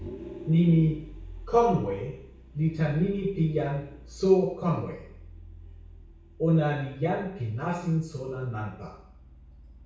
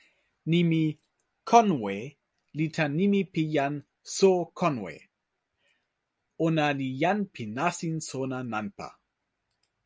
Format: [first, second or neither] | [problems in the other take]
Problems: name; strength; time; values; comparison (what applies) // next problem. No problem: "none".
second | background sound (Vehicle); 17 dB below the speech // room echo; dies away in 0.6 s